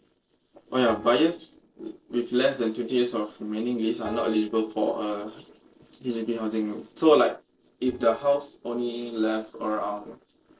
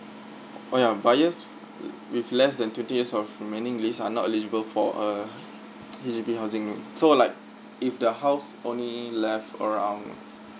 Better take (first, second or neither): second